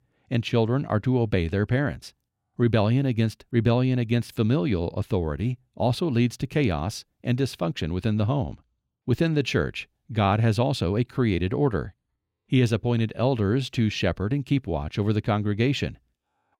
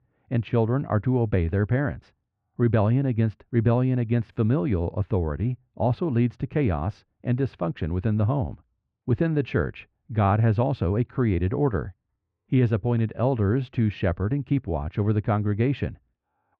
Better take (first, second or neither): first